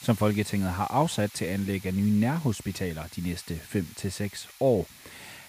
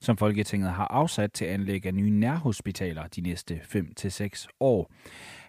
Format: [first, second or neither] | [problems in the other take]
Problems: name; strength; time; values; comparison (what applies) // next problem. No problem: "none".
second | hiss; noticeable; throughout; 20 dB below the speech